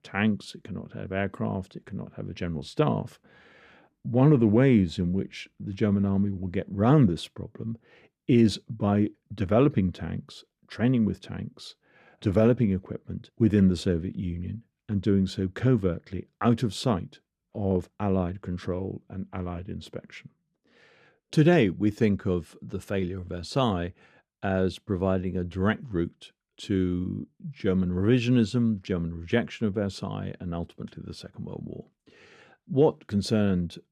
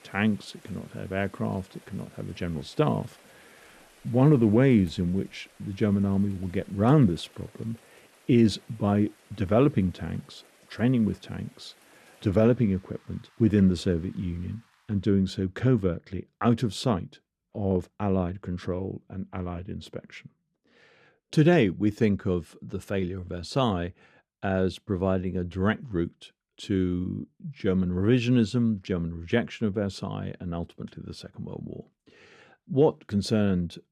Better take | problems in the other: first | rain or running water; faint; until 15 s; 30 dB below the speech

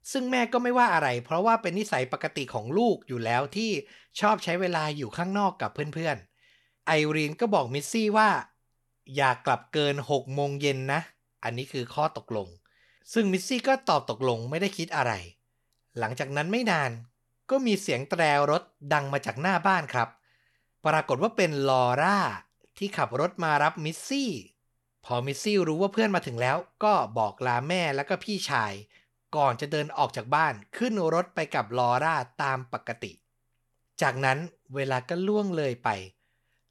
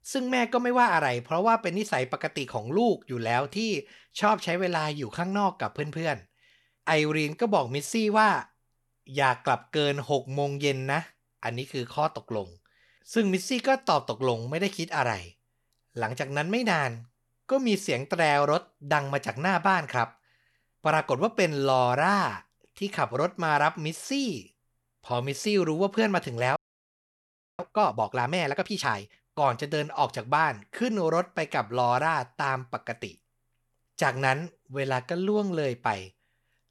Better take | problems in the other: first | audio freezing; at 27 s for 1 s

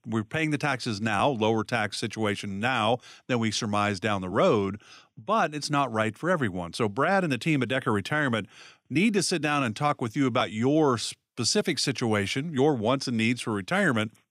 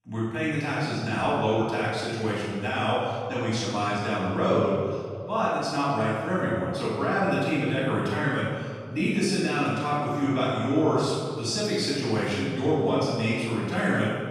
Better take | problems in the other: first | off-mic speech; far // room echo; strong; dies away in 1.9 s

